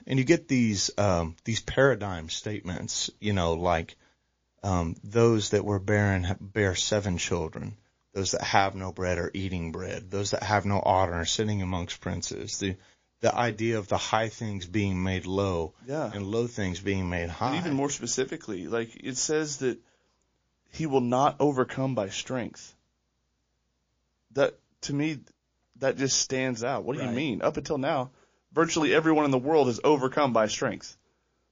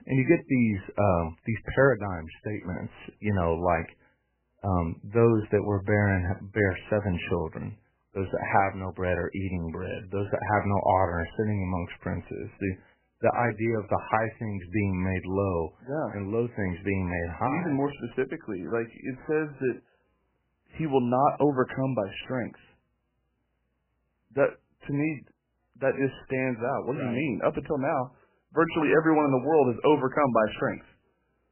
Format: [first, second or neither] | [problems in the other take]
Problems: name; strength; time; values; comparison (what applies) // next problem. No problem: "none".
first | garbled, watery; badly; nothing above 3 kHz; slightly in the first